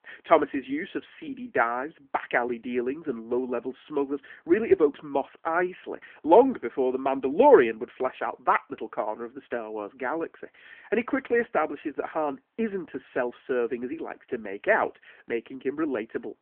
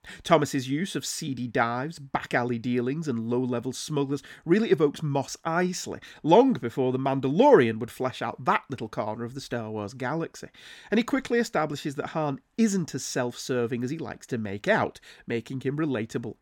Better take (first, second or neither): second